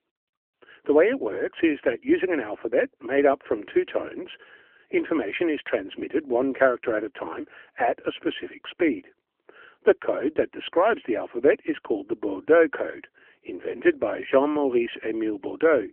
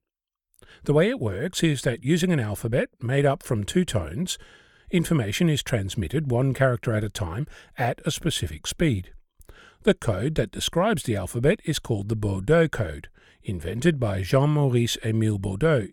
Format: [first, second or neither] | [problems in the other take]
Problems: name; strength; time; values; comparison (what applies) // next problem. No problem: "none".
second | phone-call audio; nothing above 3 kHz